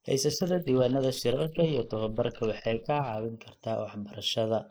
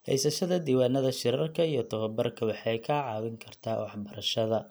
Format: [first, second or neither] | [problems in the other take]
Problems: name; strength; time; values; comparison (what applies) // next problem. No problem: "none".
second | noise reduction (neural mask model Resemble Enhance denoiser)